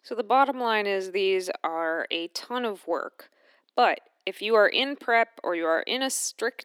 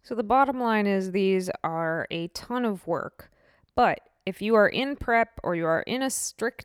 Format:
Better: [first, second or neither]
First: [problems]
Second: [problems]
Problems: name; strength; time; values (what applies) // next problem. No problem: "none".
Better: second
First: thin; somewhat; fading below 250 Hz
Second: none